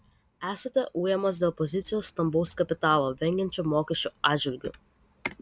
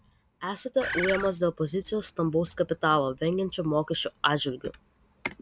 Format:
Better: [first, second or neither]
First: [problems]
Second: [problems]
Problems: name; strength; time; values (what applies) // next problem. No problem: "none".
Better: first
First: none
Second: background sound (Bird); 3 dB below the speech